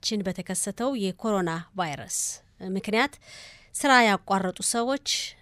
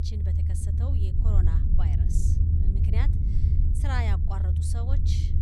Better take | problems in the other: first | low rumble; loud; throughout; as loud as the speech

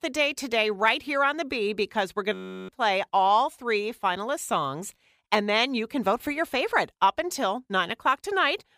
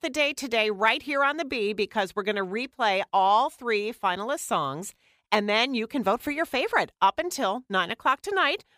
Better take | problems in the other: second | audio freezing; at 2.5 s

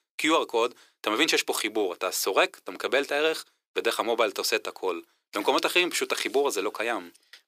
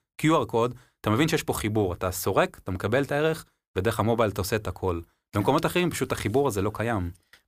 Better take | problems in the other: second | thin; somewhat; fading below 350 Hz

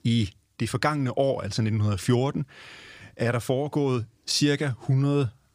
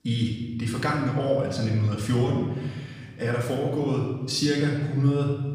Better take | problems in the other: first | off-mic speech; far // room echo; noticeable; dies away in 1.2 s

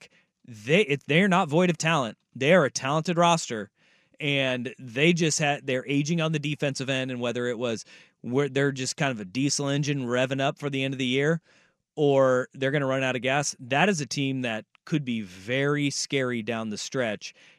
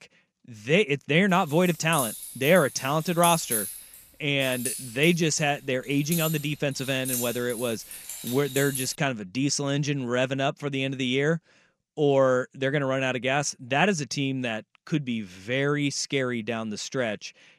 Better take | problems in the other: first | jangling keys; noticeable; from 1.5 to 9 s; peak level with the speech

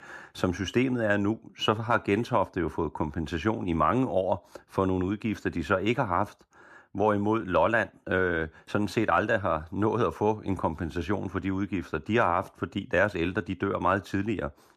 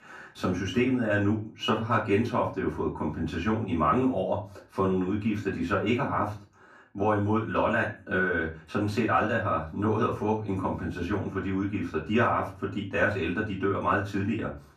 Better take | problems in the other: first | off-mic speech; far // room echo; slight; dies away in 0.3 s

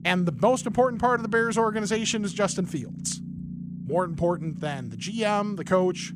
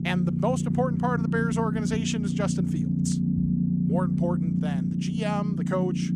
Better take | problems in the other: first | low rumble; loud; throughout; 3 dB below the speech; faint in the first

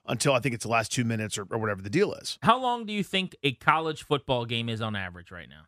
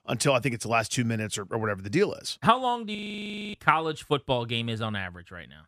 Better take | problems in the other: first | audio freezing; at 3 s for 0.5 s

